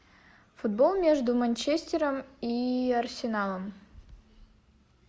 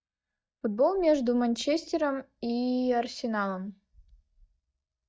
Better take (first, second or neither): first